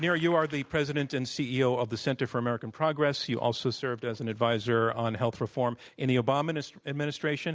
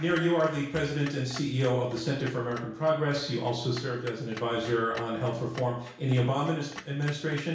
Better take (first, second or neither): first